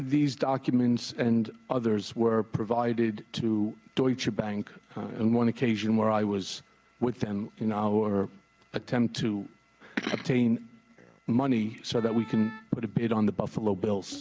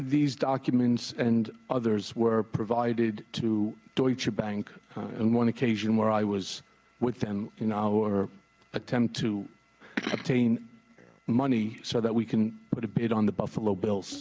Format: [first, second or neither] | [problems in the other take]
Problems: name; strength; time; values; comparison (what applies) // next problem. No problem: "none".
second | background sound (Wind instrument, woodwind instrument); 20 dB below the speech